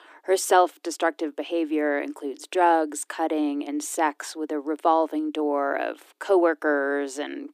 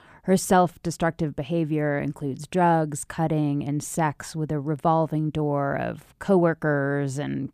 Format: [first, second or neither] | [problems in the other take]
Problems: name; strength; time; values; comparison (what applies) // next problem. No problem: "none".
second | thin; somewhat; fading below 300 Hz